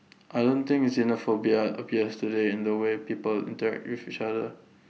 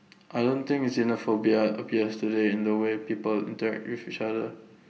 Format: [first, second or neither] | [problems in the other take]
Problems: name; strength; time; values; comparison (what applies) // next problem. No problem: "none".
first | room echo; dies away in 2.3 s